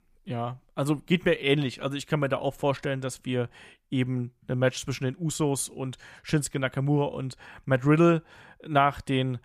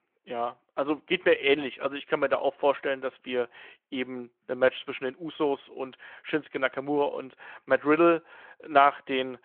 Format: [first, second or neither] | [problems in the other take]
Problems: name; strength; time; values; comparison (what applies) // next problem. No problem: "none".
first | phone-call audio